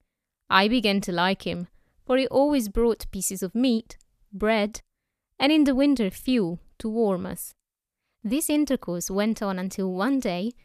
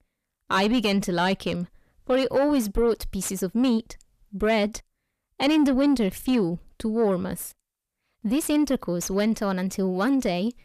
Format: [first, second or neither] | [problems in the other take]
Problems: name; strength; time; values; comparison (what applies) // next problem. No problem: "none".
first | distortion; slight; 10 dB below the speech